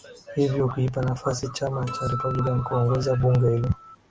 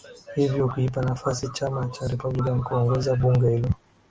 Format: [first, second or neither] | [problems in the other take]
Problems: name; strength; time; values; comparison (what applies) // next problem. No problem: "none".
second | background sound (Acoustic guitar); 12 dB below the speech